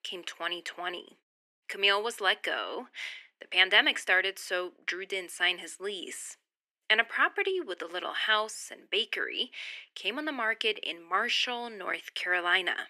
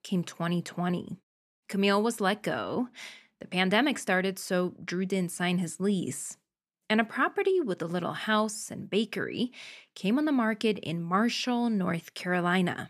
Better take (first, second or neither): second